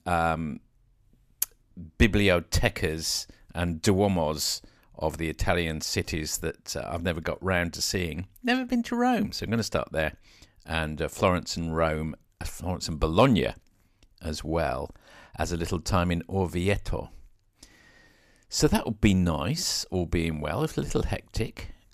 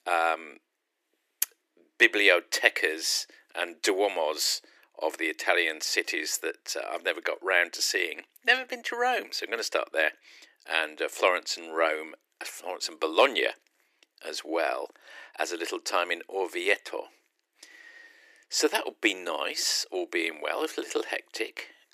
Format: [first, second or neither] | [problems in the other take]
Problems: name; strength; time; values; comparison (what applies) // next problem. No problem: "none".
first | thin; very; fading below 350 Hz